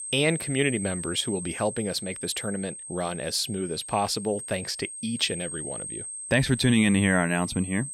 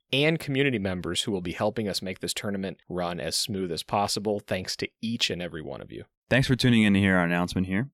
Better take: second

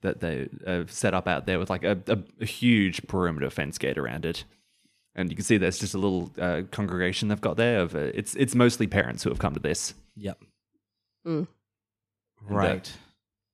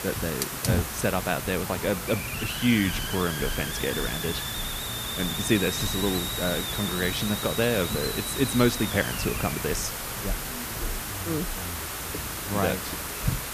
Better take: first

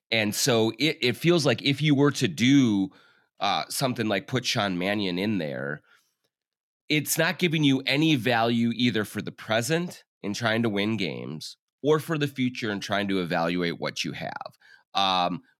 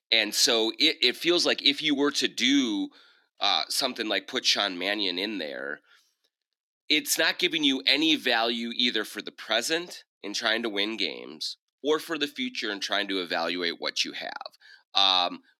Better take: first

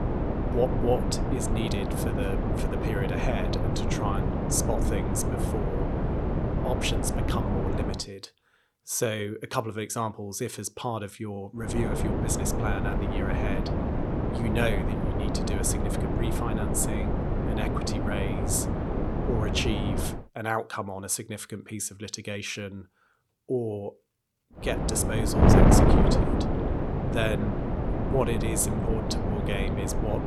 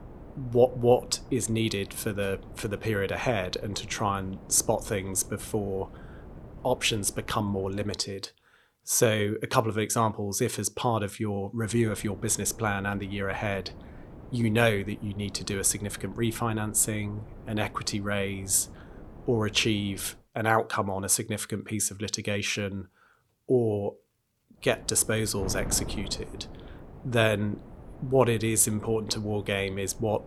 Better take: second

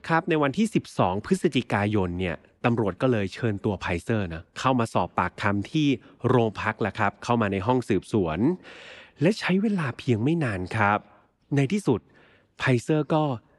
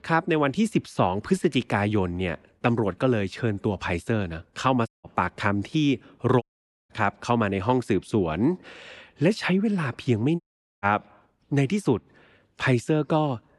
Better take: first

